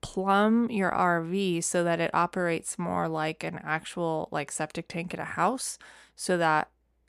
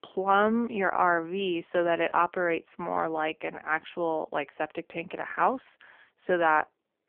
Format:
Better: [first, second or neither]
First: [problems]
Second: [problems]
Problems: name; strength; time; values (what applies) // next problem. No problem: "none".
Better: first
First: none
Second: phone-call audio; poor line; nothing above 3 kHz